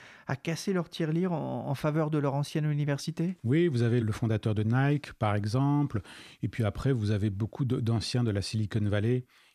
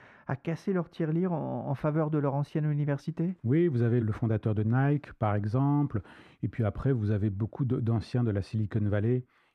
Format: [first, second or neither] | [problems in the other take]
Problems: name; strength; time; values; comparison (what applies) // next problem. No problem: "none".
first | muffled; very; fading above 2.5 kHz